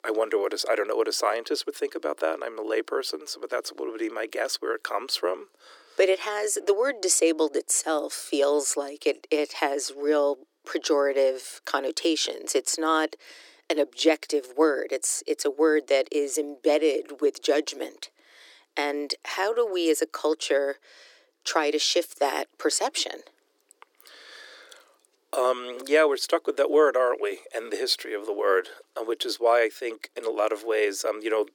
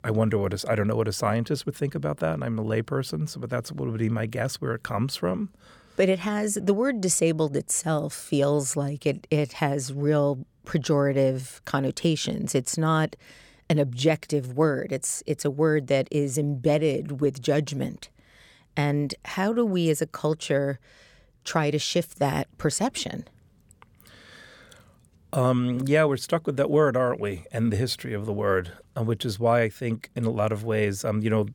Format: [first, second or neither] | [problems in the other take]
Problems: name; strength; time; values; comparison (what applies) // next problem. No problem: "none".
second | thin; very; fading below 300 Hz